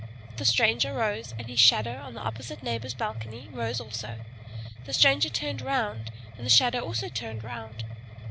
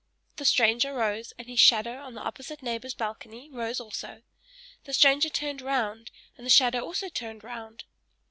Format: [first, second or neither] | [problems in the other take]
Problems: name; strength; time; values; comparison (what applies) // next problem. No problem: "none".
second | background sound (Mechanisms); 8 dB below the speech